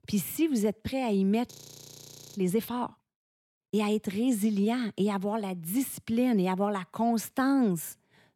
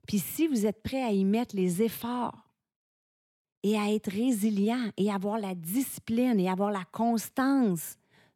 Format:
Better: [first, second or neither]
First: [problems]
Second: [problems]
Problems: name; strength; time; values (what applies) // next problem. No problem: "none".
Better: second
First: audio freezing; at 1.5 s for 1 s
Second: none